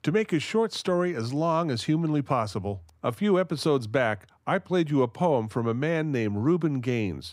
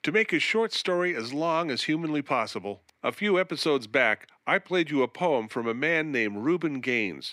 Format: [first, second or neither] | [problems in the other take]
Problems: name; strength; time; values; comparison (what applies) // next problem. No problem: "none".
first | thin; very slightly; fading below 300 Hz